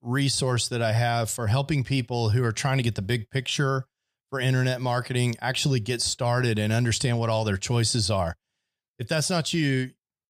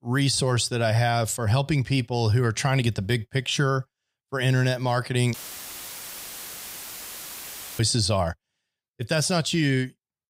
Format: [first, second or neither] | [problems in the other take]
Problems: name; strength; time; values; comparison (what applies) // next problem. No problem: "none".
first | audio cutting out; filled with static; at 5.5 s for 2.5 s